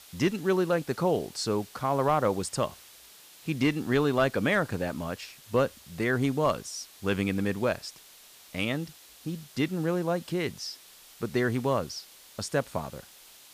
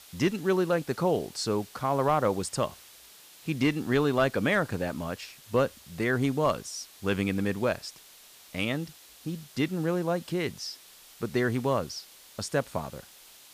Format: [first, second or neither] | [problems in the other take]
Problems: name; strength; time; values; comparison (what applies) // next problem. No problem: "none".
neither | hiss; faint; throughout; 20 dB below the speech; the same in both